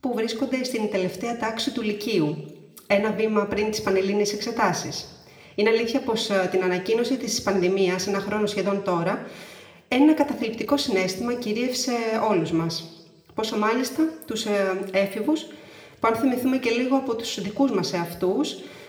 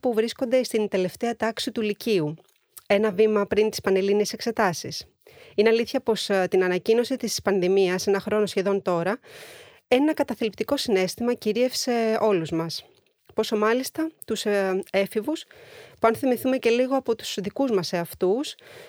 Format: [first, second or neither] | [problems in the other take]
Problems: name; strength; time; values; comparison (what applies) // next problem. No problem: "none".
second | room echo; slight; dies away in 1 s